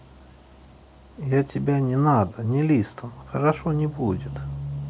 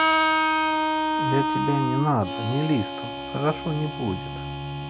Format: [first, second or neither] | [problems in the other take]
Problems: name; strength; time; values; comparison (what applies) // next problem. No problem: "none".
first | background sound (Harmonica); 2 dB above the speech